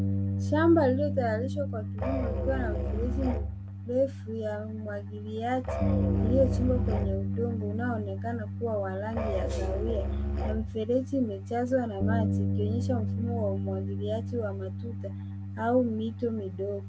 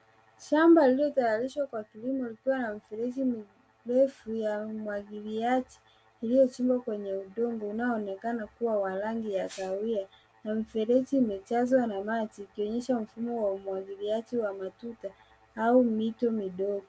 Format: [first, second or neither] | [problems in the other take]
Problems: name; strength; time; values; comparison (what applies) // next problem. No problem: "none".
second | background sound (Bass guitar + Musical instrument); as loud as the speech